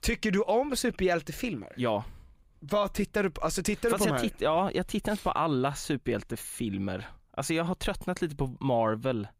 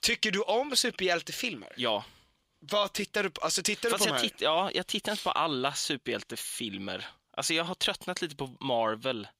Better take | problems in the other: first | thin; very slightly; fading below 400 Hz

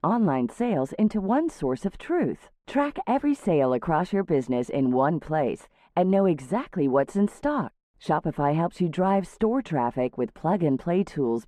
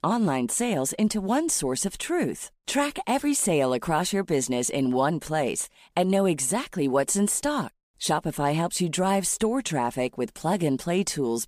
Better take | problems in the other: second | muffled; very; fading above 3.5 kHz

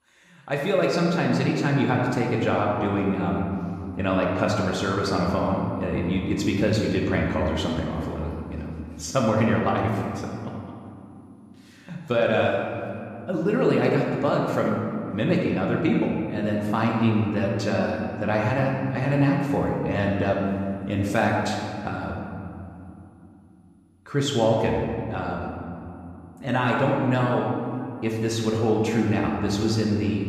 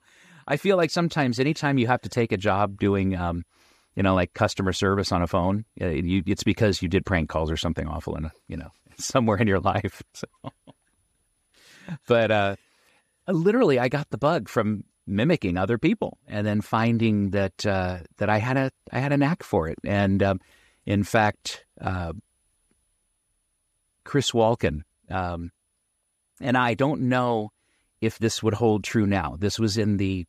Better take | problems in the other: second | room echo; noticeable; dies away in 2.4 s // off-mic speech; somewhat distant

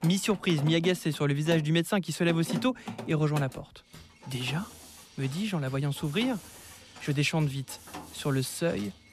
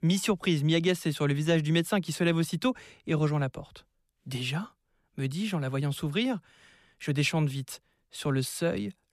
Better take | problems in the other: second | machinery noise; noticeable; throughout; 15 dB below the speech

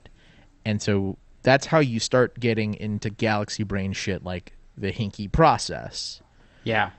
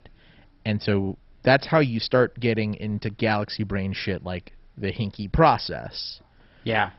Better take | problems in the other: first | garbled, watery; badly; nothing above 5.5 kHz; slightly in the first

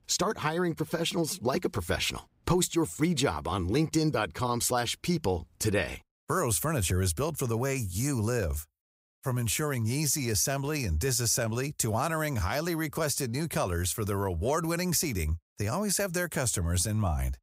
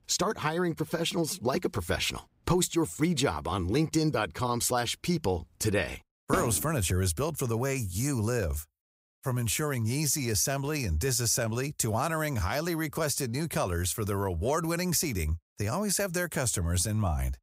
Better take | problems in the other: first | door banging; noticeable; at 6.5 s; peak 5 dB below the speech

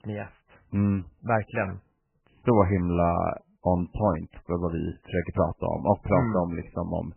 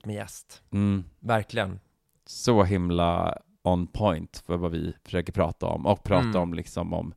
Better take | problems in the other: second | garbled, watery; badly; nothing above 2.5 kHz

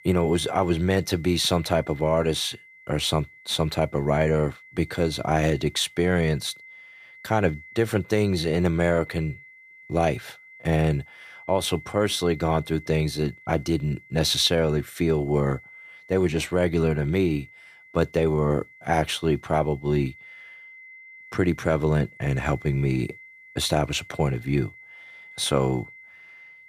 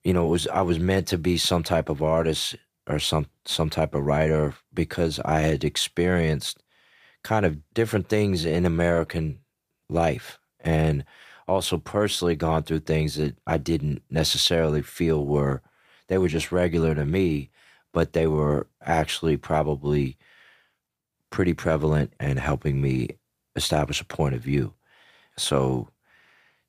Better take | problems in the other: second | high-pitched whine; faint; throughout; 2 kHz, 20 dB below the speech

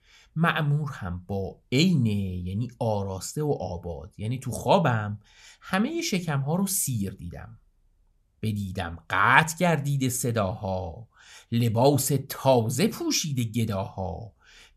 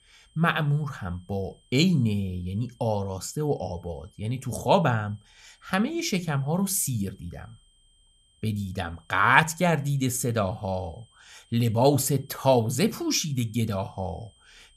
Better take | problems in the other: first | high-pitched whine; faint; throughout; 3 kHz, 35 dB below the speech

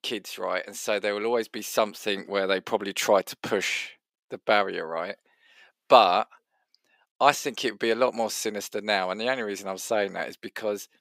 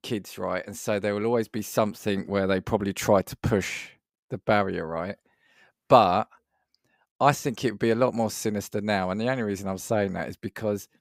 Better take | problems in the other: second | thin; somewhat; fading below 350 Hz

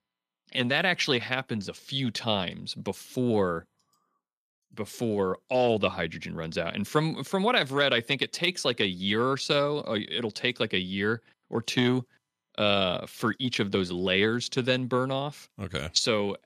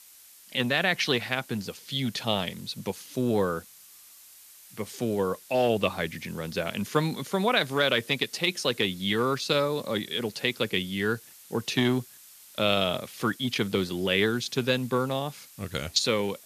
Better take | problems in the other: first | hiss; faint; throughout; 20 dB below the speech

